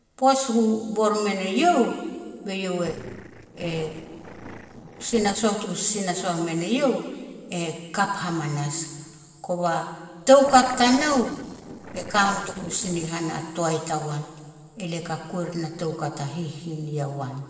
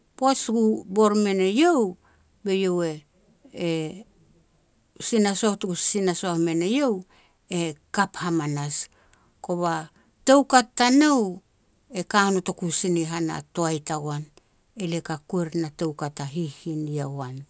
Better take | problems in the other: second | noise reduction (neural separator model SepFormer DNS4)

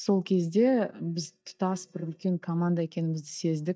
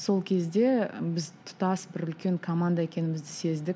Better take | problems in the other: second | noise reduction (neural mask model DeepFilterNet 3)

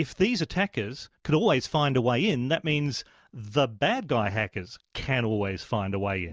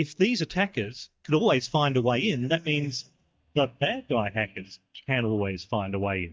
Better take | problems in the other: first | noise reduction (neural mask model DeepFilterNet 3)

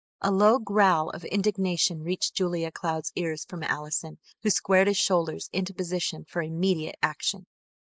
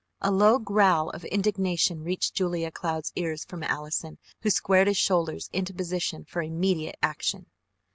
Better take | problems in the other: second | noise reduction (neural mask model Resemble Enhance denoiser)

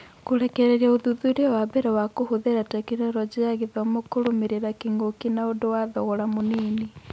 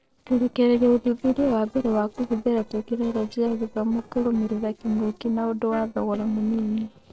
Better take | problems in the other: first | noise reduction (neural separator model SepFormer DNS4)

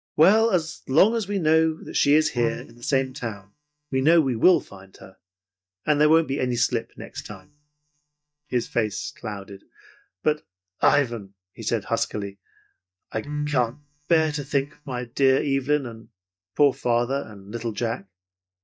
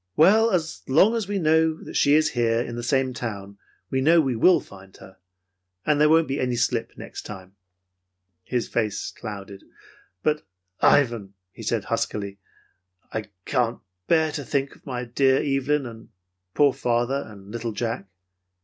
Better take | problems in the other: second | noise reduction (neural mask model DeepFilterNet 3)

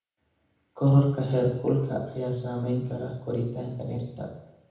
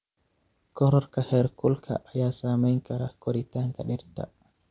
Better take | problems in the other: second | room echo; dies away in 0.8 s

